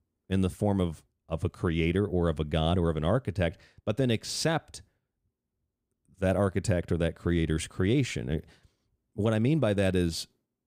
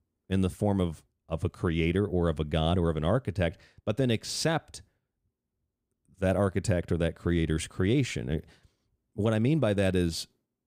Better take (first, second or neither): neither